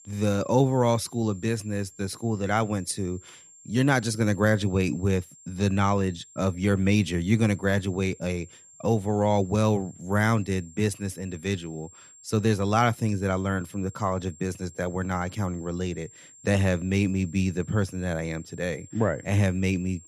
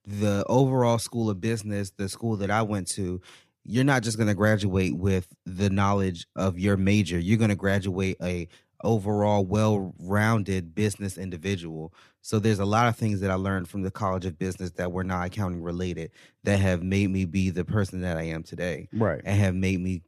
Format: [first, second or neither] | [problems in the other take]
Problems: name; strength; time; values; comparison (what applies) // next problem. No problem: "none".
second | high-pitched whine; faint; throughout; 7.5 kHz, 25 dB below the speech